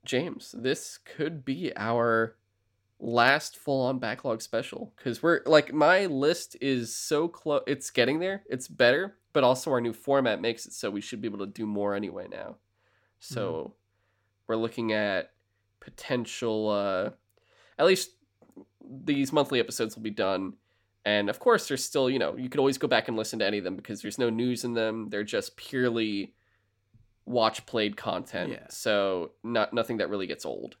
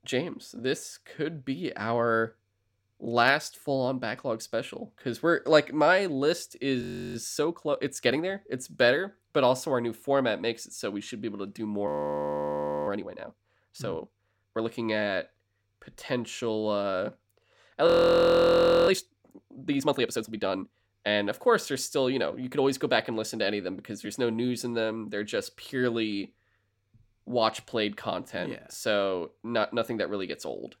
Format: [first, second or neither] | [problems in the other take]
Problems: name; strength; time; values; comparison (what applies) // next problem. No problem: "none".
first | audio freezing; at 7 s, at 12 s for 1 s and at 18 s for 1 s